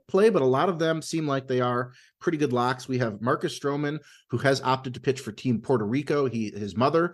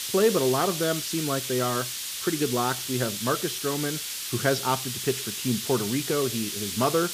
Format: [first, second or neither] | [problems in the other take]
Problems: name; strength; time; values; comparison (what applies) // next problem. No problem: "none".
first | hiss; loud; throughout; 3 dB below the speech